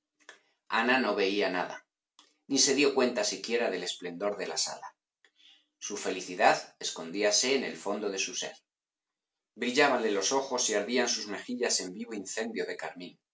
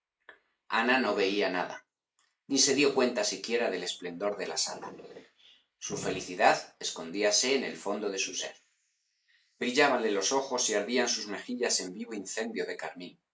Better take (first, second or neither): first